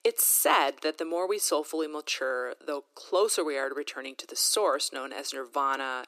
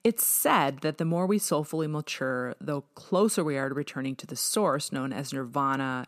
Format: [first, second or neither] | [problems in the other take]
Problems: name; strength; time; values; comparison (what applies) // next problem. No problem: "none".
second | thin; very; fading below 300 Hz